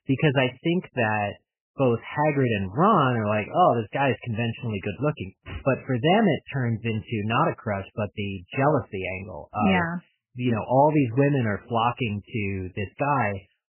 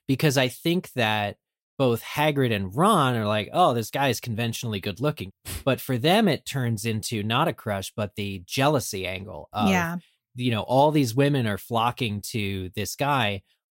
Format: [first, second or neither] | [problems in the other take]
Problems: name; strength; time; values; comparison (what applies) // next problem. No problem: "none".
second | garbled, watery; badly; nothing above 3 kHz